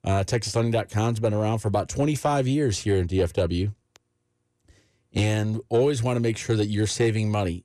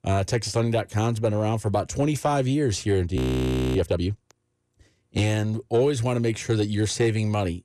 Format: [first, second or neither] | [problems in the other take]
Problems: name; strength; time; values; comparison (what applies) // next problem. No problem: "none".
first | audio freezing; at 3 s for 0.5 s